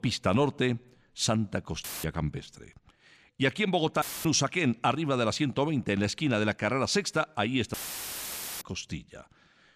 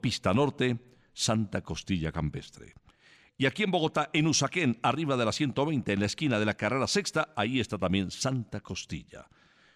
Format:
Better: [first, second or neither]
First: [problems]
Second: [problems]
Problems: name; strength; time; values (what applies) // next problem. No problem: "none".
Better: second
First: audio cutting out; filled with static; at 2 s, at 4 s and at 7.5 s for 1 s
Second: none